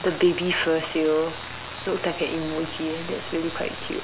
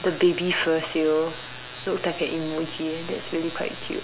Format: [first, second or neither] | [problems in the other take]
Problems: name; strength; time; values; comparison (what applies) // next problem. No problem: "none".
second | background sound (Aircraft); 14 dB below the speech